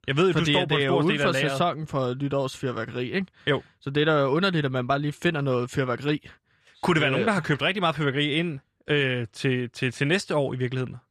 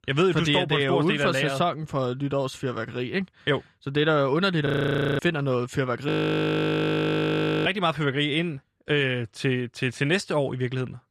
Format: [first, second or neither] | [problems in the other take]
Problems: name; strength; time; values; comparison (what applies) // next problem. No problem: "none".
first | audio freezing; at 4.5 s for 0.5 s and at 6 s for 1.5 s